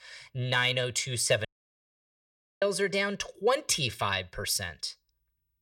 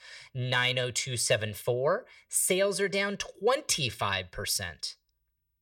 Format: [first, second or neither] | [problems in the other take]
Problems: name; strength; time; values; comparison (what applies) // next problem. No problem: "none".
second | audio cutting out; at 1.5 s for 1 s